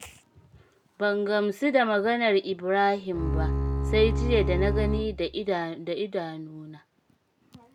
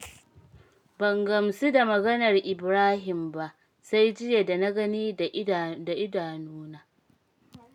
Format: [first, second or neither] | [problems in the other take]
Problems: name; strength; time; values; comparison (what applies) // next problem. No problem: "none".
second | background sound (Bowed string instrument); as loud as the speech